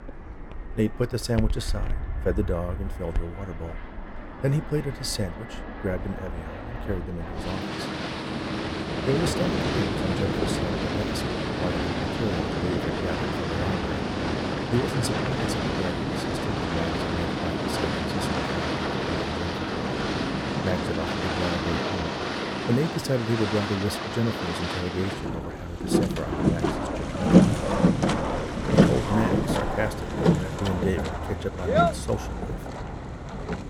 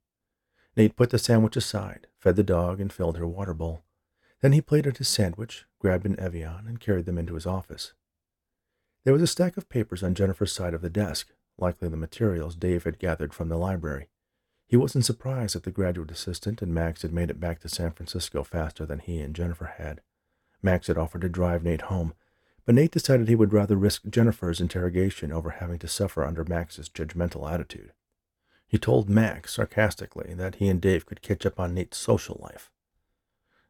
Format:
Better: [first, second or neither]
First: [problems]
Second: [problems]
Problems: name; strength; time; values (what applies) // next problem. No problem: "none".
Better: second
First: train or aircraft noise; very loud; throughout; 4 dB above the speech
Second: none